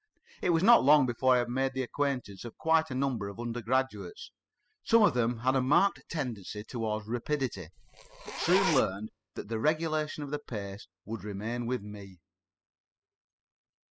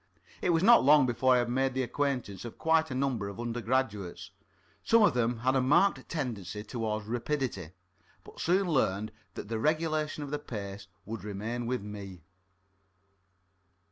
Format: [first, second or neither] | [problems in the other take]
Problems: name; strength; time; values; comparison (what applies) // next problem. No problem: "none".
second | noise reduction (classical method spectral subtraction)